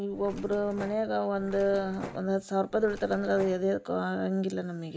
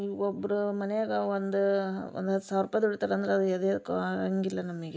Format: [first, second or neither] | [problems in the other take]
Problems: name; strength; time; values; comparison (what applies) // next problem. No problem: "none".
second | background sound (Mechanisms); 16 dB below the speech